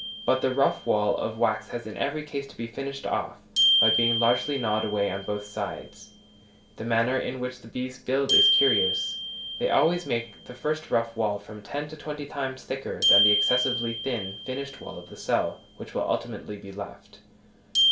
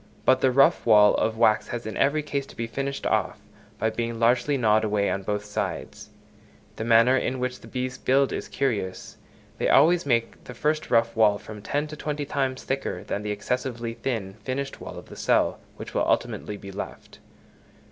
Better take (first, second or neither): second